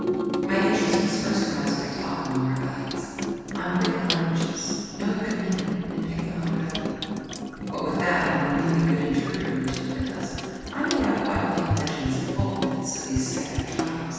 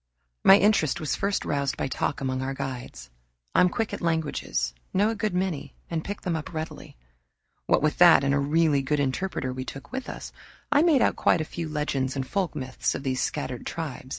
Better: second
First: background sound (Sink (filling or washing) / Water tap, faucet); 3 dB below the speech // room echo; dies away in 2.1 s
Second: none

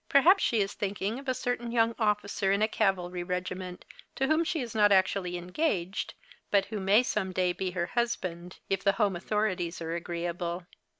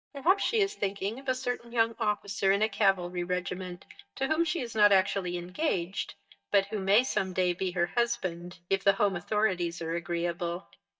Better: first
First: none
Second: noise reduction (neural mask model DeepFilterNet 3)

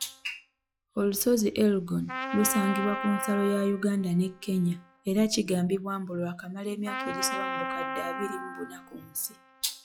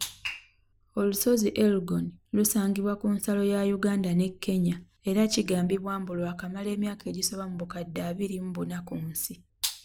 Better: second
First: noise reduction (classical method log-MMSE)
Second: none

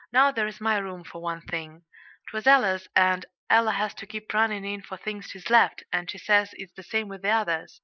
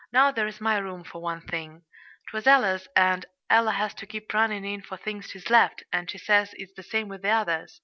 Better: second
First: noise reduction (neural mask model Resemble Enhance denoiser)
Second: none

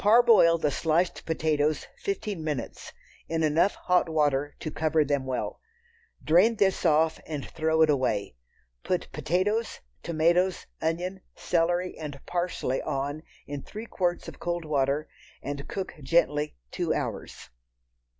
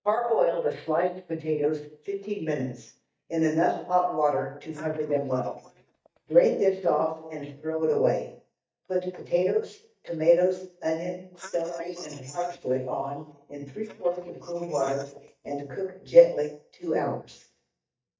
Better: first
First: none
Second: noise reduction (neural mask model DeepFilterNet 3)

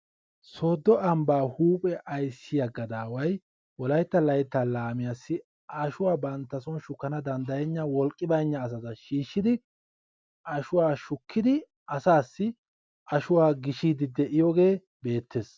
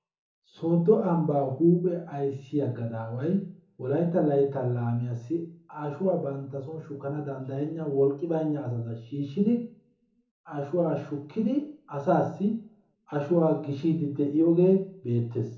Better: first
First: none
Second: room echo; dies away in 0.7 s

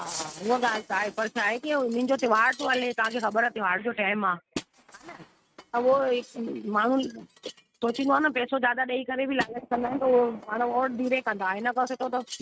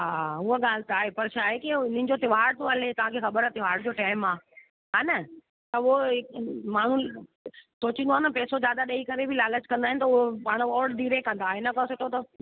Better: second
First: noise reduction (neural mask model RNNoise)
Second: none

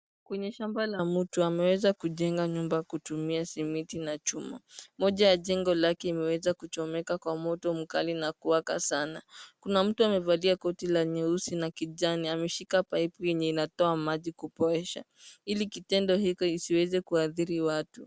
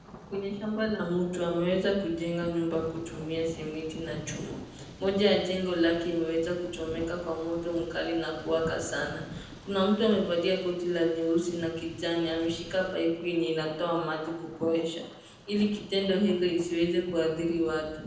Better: first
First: none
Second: background sound (Thunder); 15 dB below the speech // room echo; dies away in 0.9 s

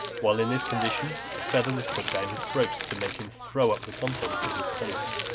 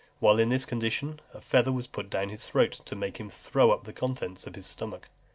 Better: second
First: background sound (Crumpling, crinkling + Crowd); 3 dB below the speech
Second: none

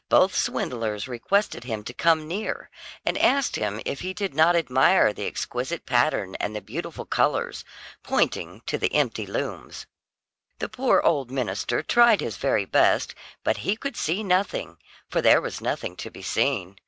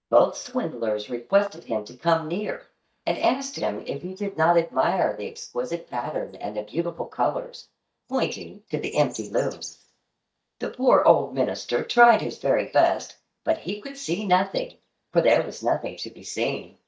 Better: first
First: none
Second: noise reduction (neural mask model DeepFilterNet 3)

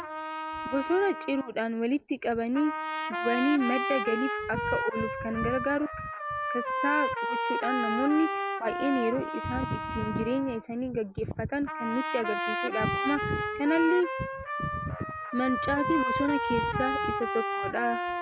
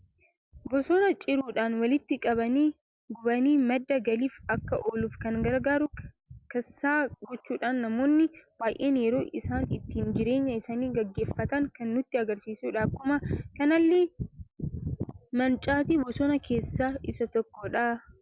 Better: second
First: background sound (Trumpet); 2 dB below the speech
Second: none

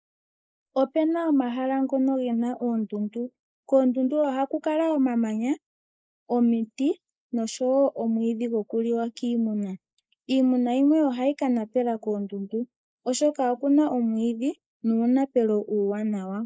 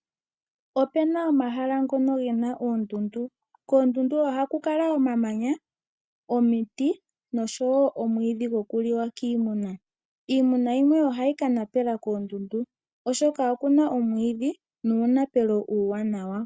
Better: second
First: noise reduction (neural mask model Resemble Enhance denoiser)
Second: none

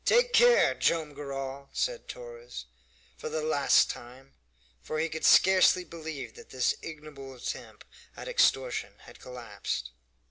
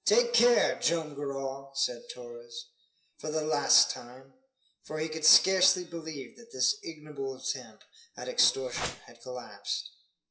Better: first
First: none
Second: noise reduction (classical method WPE with log-MMSE)

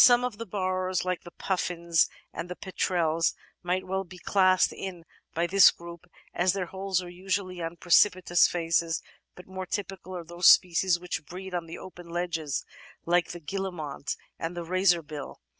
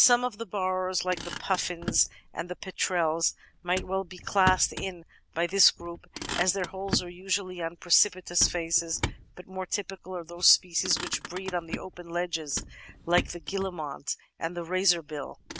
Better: first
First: none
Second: background sound (Motor vehicle (road)); 11 dB below the speech

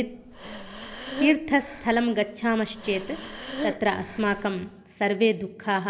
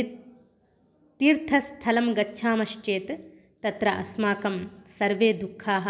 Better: second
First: background sound (Breathing); 11 dB below the speech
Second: none

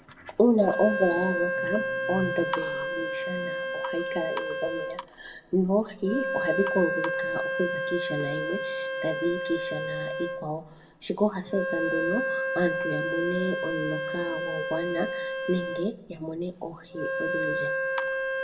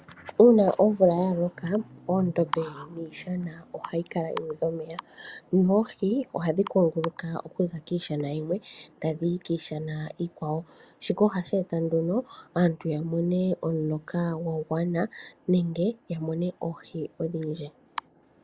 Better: second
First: background sound (Wind instrument, woodwind instrument); 1 dB below the speech // room echo; dies away in 0.7 s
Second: none

